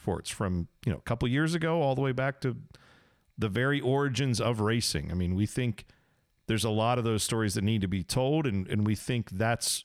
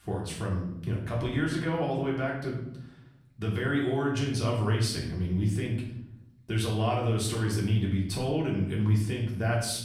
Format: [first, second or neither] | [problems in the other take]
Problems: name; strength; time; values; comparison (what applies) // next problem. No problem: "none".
first | off-mic speech; far // room echo; noticeable; dies away in 0.7 s